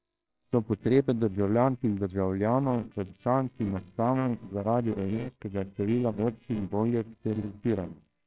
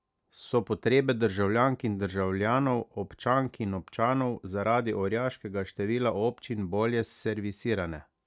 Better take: second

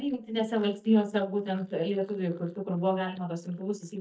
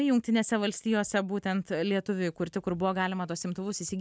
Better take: second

